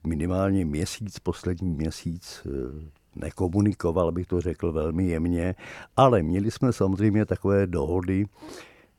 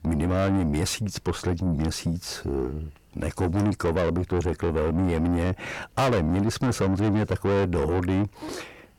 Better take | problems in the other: first | distortion; heavy; 6 dB below the speech

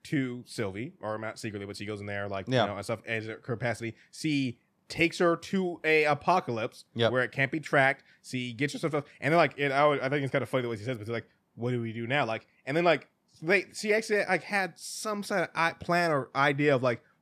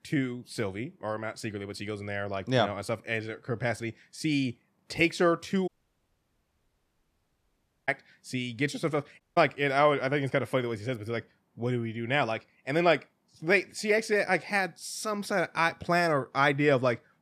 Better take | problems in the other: first | audio cutting out; at 5.5 s for 2 s and at 9 s

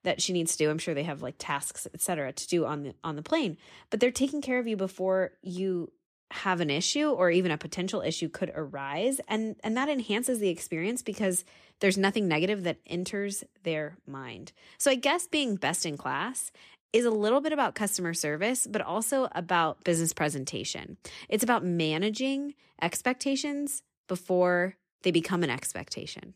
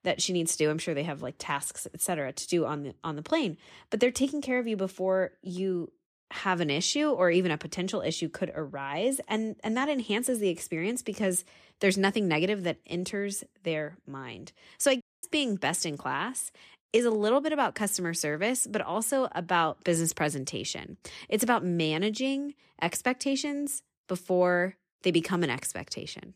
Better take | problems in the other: first | audio cutting out; at 15 s

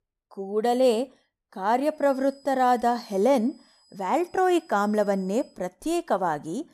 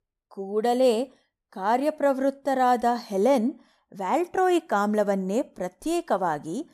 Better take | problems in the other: second | high-pitched whine; faint; from 2 to 5.5 s; 5 kHz, 30 dB below the speech

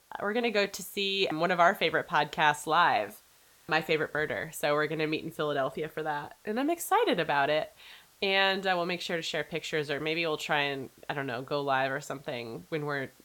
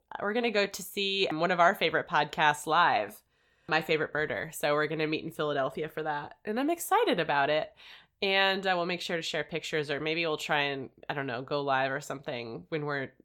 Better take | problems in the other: second | hiss; faint; throughout; 30 dB below the speech

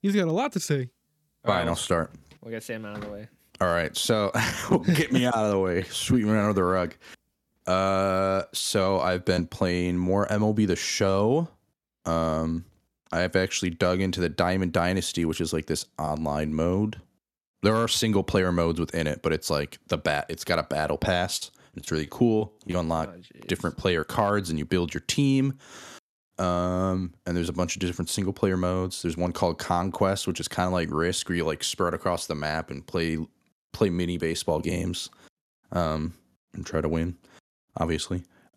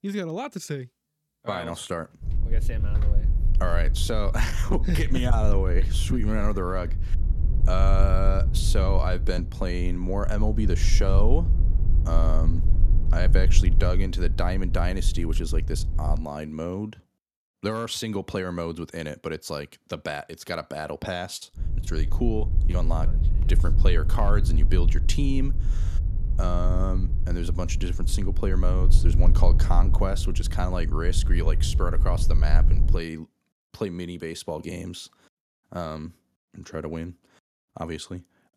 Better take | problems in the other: first | low rumble; noticeable; from 2 to 16 s and from 22 to 33 s; 10 dB below the speech

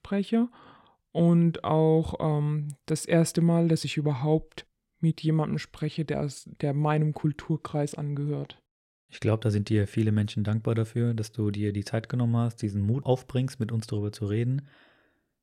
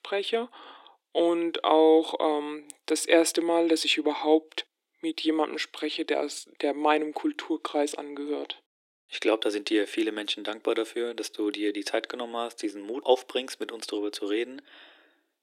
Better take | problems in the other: first | thin; very; fading below 300 Hz

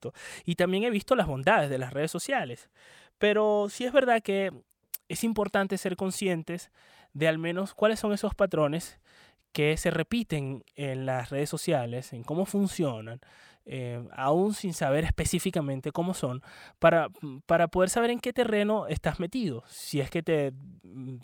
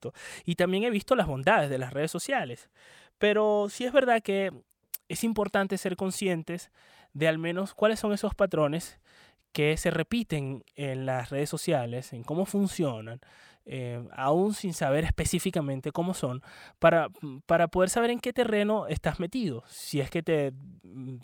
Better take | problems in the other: neither | none

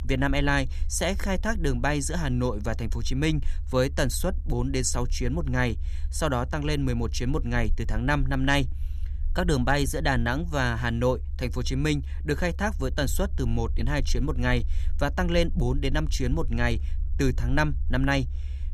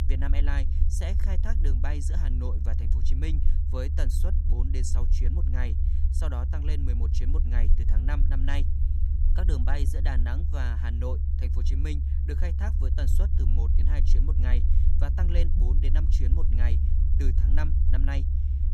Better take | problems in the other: first | low rumble; loud; throughout; 4 dB below the speech; faint in the first

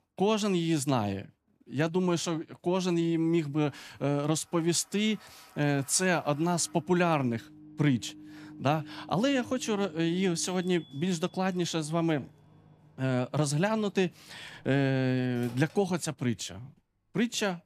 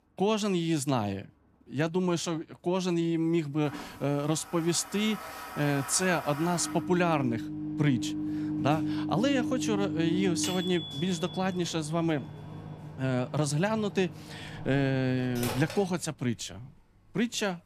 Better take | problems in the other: first | household noises; loud; throughout; 7 dB below the speech; faint in the first

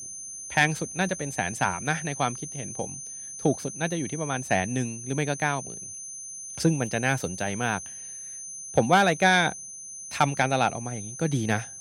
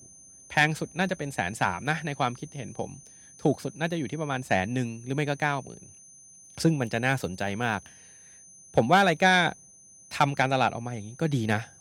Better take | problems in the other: second | high-pitched whine; loud; throughout; 6 kHz, 10 dB below the speech; faint in the second

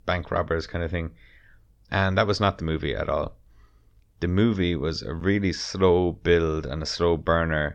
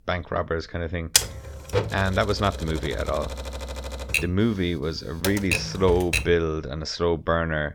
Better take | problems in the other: first | keyboard typing; loud; from 1 to 6 s; peak 5 dB above the speech

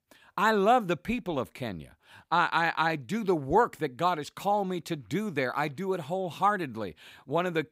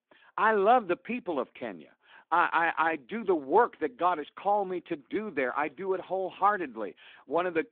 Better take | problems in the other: first | phone-call audio; nothing above 3.5 kHz

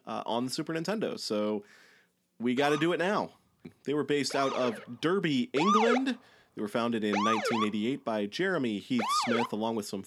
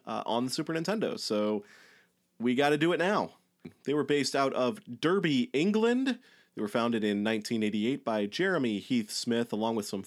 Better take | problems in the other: second | siren; loud; from 2.5 to 9.5 s; peak 4 dB above the speech

